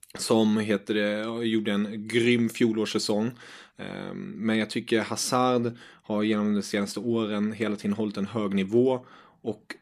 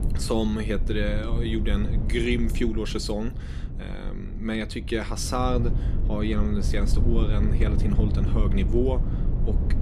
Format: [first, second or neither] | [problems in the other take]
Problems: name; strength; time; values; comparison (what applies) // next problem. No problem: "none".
first | low rumble; loud; throughout; 10 dB below the speech